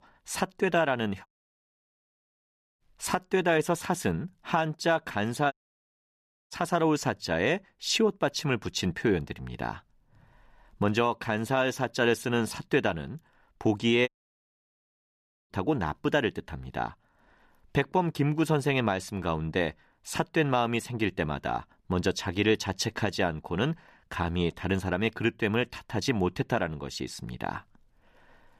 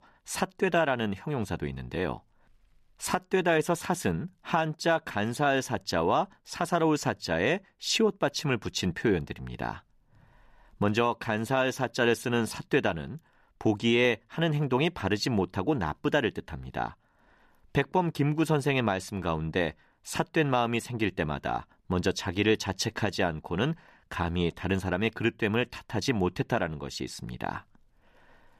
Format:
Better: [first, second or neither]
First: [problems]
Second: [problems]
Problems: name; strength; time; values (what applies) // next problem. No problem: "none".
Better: second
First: audio cutting out; at 1.5 s for 1.5 s, at 5.5 s for 1 s and at 14 s for 1.5 s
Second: none